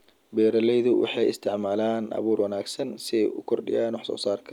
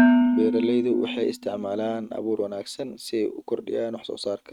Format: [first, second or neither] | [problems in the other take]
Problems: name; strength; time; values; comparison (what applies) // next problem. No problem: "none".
first | noise reduction (neural mask model RNNoise)